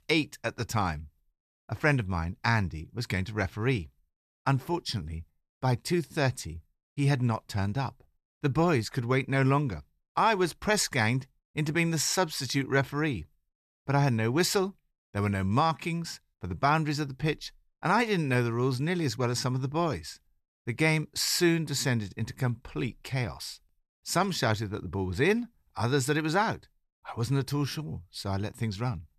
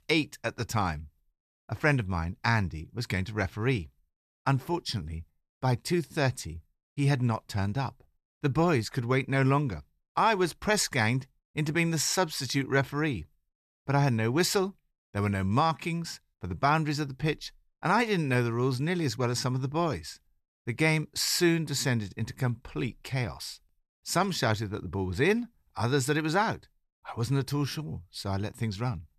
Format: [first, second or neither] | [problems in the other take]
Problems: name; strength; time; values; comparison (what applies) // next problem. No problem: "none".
neither | none